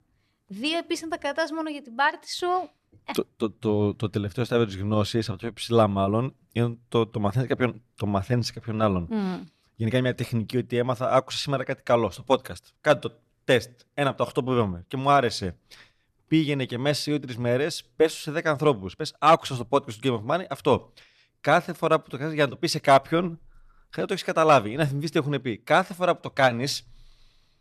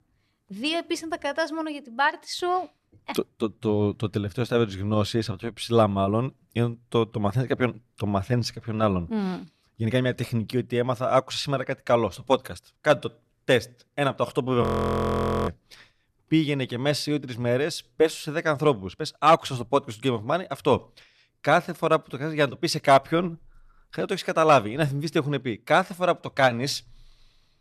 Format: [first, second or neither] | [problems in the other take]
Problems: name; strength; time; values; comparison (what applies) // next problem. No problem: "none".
first | audio freezing; at 15 s for 1 s